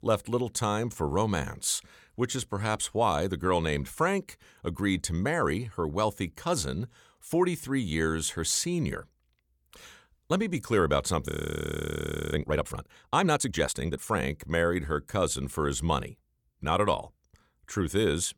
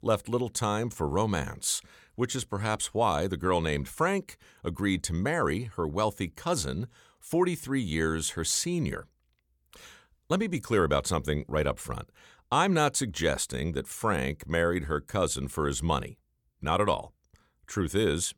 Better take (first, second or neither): second